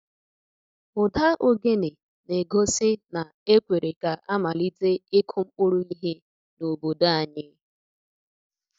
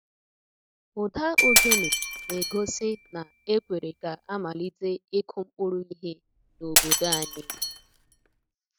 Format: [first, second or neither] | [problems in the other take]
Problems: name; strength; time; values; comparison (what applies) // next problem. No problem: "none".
first | background sound (Shatter + Glockenspiel); 3 dB above the speech